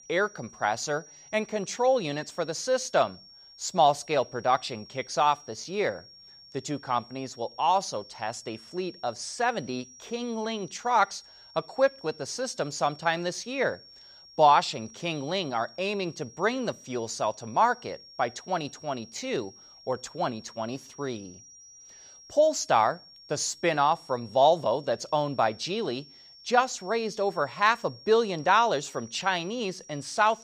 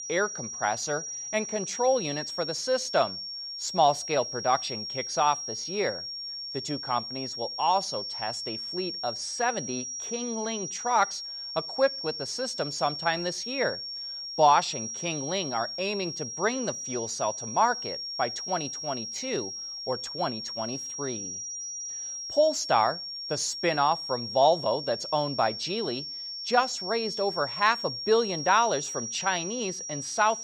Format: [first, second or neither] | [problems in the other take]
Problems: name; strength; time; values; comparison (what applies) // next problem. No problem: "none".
first | high-pitched whine; loud; throughout; 5.5 kHz, 5 dB below the speech; faint in the first